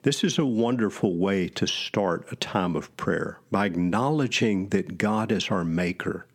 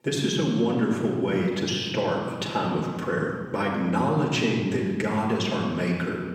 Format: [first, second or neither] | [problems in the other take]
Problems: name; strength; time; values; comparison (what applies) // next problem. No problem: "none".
first | off-mic speech; far // room echo; noticeable; dies away in 1.4 s